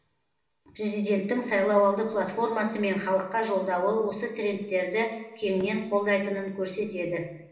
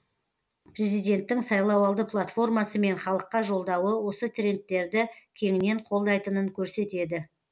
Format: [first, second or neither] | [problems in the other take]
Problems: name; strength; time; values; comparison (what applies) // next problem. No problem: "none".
second | room echo; dies away in 0.8 s